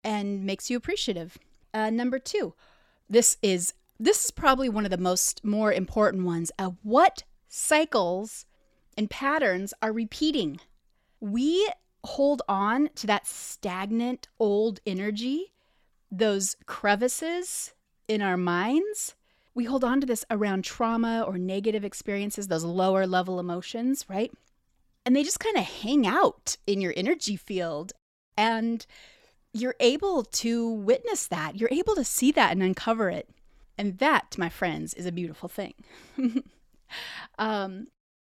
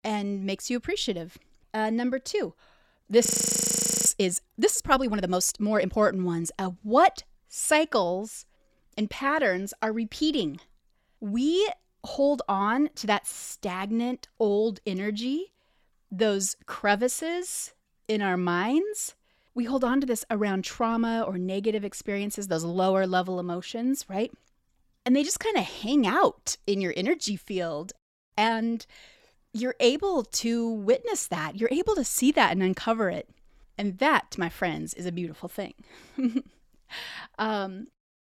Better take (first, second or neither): first